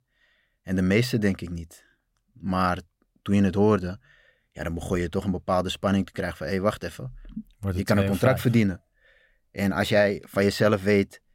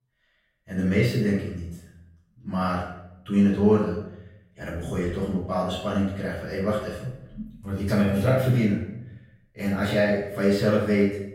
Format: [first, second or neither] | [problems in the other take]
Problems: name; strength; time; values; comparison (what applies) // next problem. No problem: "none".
first | off-mic speech; far // room echo; noticeable; dies away in 0.7 s